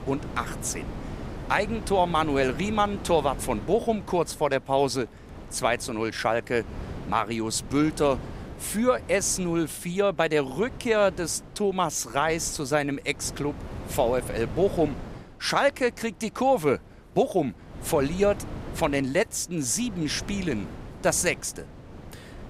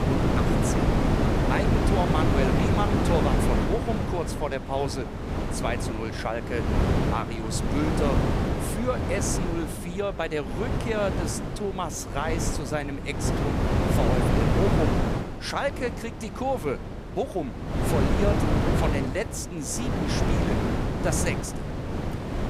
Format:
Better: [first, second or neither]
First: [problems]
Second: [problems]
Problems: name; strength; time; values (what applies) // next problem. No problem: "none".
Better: first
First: wind noise on the microphone; occasional gusts; 20 dB below the speech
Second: wind noise on the microphone; heavy; 1 dB above the speech